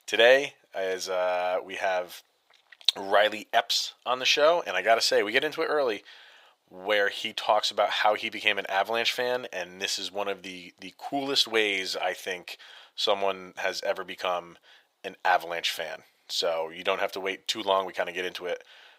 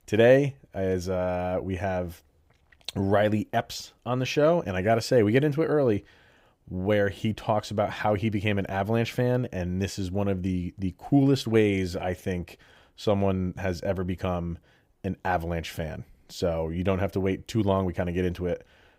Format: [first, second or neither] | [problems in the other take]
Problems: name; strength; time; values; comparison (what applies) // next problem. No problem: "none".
second | thin; very; fading below 800 Hz